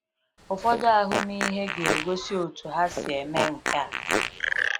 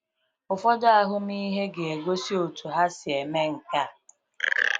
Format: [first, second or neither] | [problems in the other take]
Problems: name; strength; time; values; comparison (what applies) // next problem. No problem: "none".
second | background sound (Fart); 3 dB below the speech